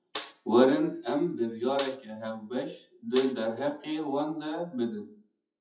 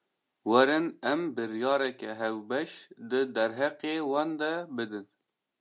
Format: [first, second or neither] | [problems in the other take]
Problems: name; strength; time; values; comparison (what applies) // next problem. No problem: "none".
second | noise reduction (classical method WPE with log-MMSE)